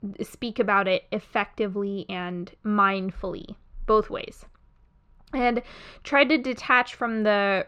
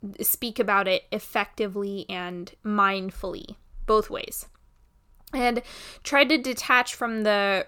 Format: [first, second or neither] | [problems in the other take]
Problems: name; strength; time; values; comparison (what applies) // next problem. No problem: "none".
second | muffled; slightly; fading above 3 kHz